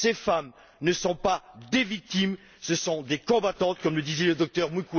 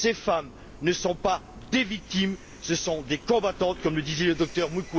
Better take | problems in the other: first | background sound (Train); 17 dB below the speech

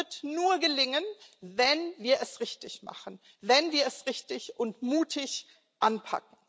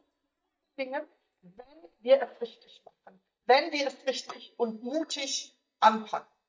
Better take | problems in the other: first | noise reduction (neural mask model DeepFilterNet 3)

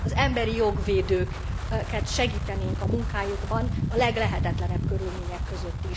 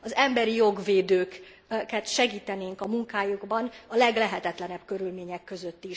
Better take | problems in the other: second | background sound (Wind); 1 dB above the speech

